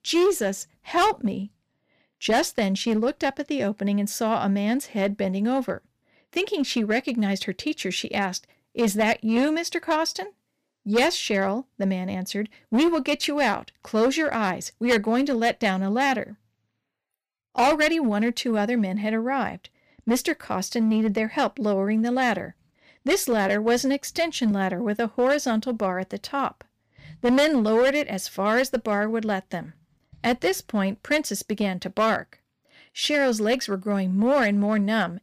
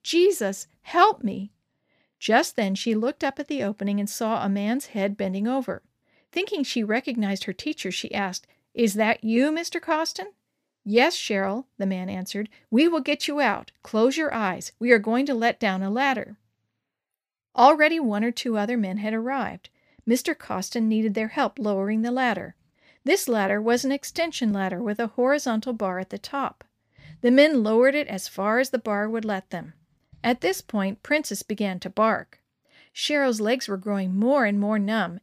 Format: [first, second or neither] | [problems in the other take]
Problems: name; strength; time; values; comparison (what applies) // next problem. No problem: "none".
second | distortion; slight; 6% of the sound clipped